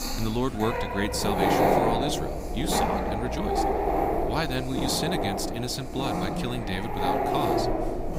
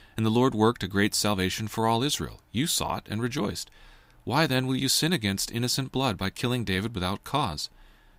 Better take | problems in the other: second | animal sounds; very loud; throughout; 3 dB above the speech

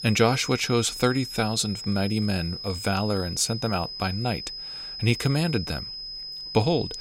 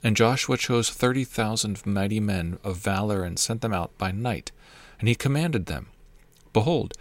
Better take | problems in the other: second | high-pitched whine; loud; throughout; 5 kHz, 8 dB below the speech

